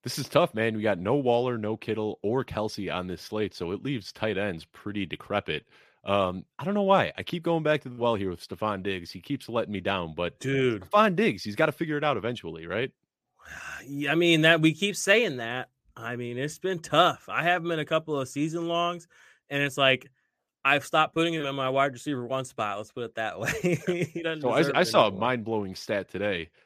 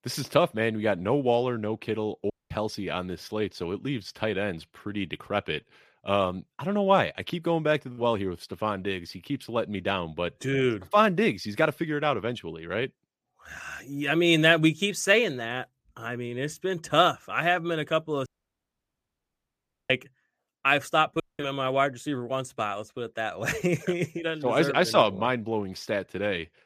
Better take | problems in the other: first | audio cutting out; at 2.5 s, at 18 s for 1.5 s and at 21 s

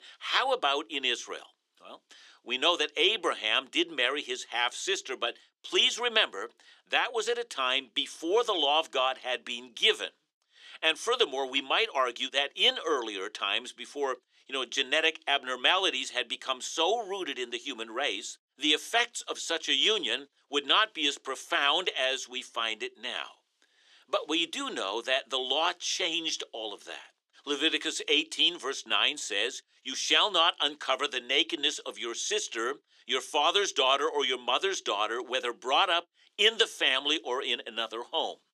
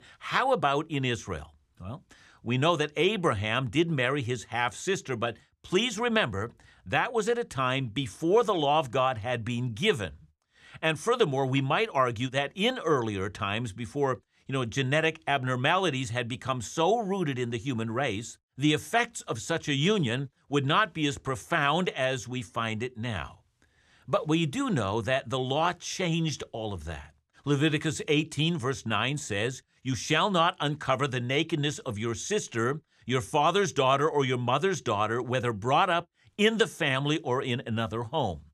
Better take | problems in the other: second | thin; somewhat; fading below 300 Hz

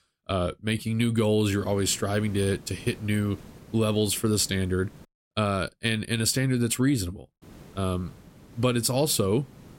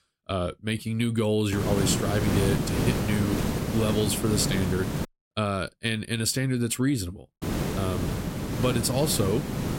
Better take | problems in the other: first | hiss; loud; from 1.5 to 5 s and from 7.5 s on; 2 dB below the speech; faint in the first

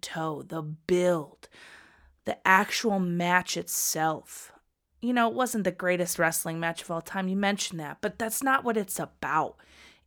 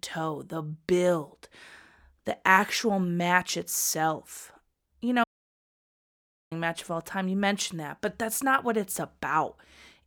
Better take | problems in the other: first | audio cutting out; at 5 s for 1.5 s

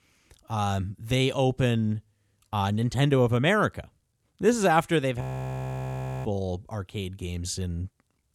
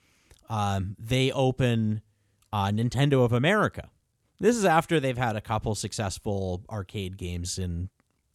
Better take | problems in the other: second | audio freezing; at 5 s for 1 s

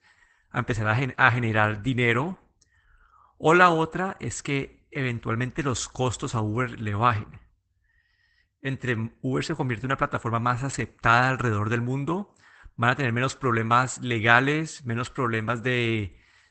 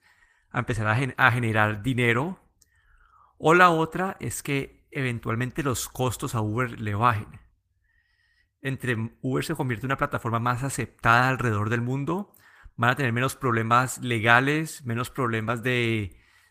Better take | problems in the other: second | garbled, watery; badly; nothing above 8 kHz; slightly in the second

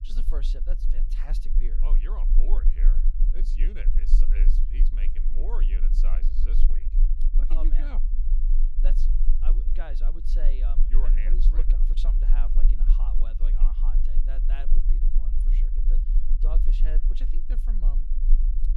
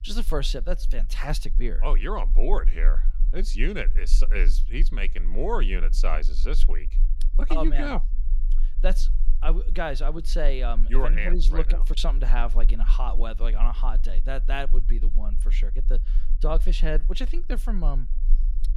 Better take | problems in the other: second | low rumble; loud; throughout; 6 dB below the speech; faint in the second

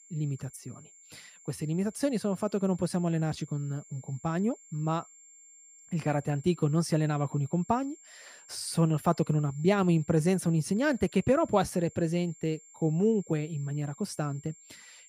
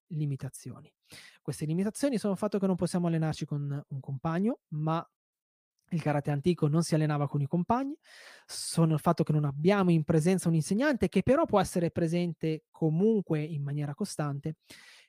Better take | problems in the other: second | high-pitched whine; faint; throughout; 7.5 kHz, 25 dB below the speech

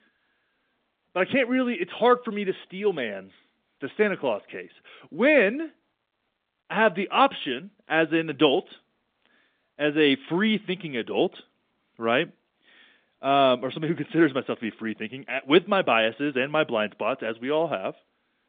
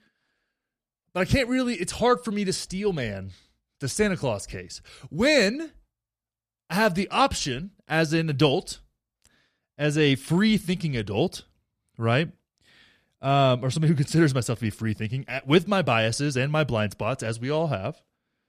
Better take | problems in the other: second | phone-call audio; nothing above 3.5 kHz

